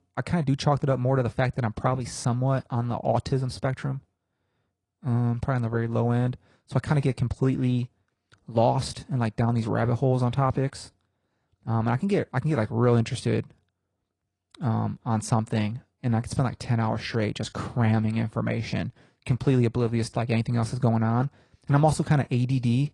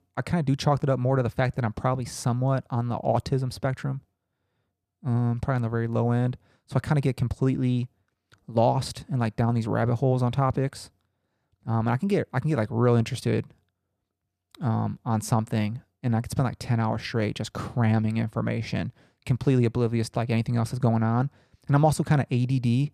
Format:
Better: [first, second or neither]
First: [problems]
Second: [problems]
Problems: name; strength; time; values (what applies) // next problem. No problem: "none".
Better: second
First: garbled, watery; slightly; nothing above 10 kHz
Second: none